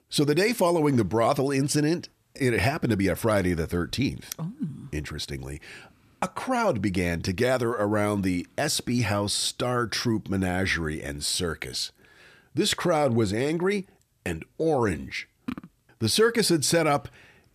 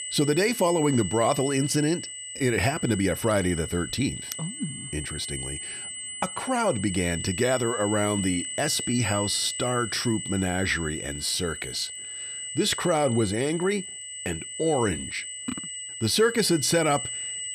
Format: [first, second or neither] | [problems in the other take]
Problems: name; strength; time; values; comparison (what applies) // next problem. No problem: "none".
first | high-pitched whine; loud; throughout; 8 kHz, 7 dB below the speech